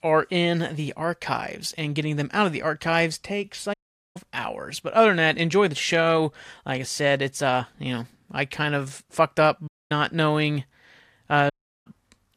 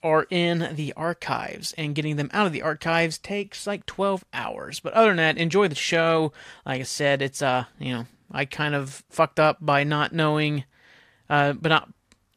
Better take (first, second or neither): second